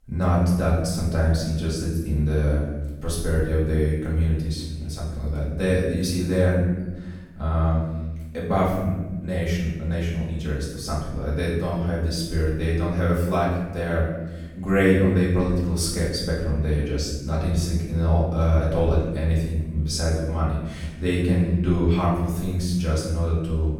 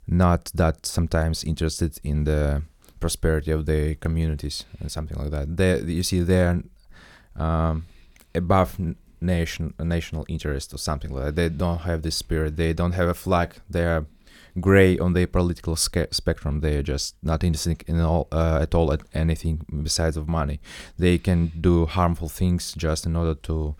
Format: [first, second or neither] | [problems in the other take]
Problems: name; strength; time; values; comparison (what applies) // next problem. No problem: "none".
second | off-mic speech; far // room echo; noticeable; dies away in 1.1 s